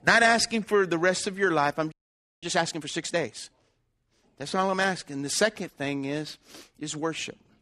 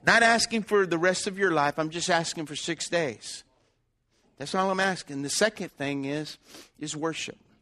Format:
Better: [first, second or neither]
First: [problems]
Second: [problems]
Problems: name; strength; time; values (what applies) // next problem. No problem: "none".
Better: second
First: audio freezing; at 2 s for 0.5 s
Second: none